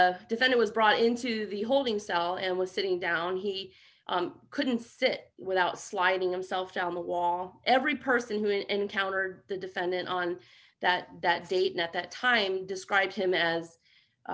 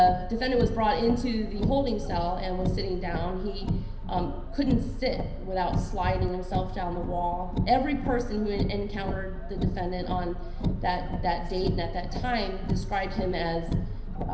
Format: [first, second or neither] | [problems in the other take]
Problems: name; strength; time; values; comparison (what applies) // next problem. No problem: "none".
first | background sound (Car); 1 dB below the speech // room echo; dies away in 0.9 s